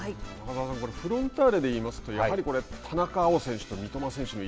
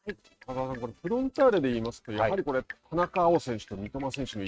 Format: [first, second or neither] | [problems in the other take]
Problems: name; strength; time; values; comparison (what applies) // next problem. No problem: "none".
first | noise reduction (neural mask model RNNoise)